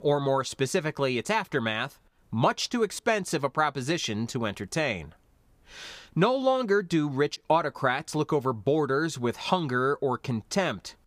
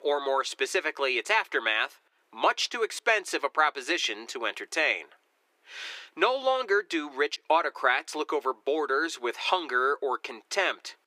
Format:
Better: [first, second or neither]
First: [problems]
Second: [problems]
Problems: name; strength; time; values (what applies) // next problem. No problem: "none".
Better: first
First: none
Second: thin; very; fading below 350 Hz